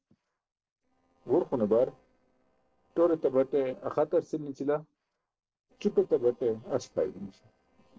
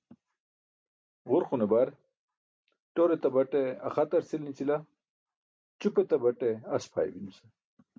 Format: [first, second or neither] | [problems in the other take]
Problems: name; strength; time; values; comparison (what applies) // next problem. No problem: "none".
second | noise reduction (neural separator model SepFormer DNS4)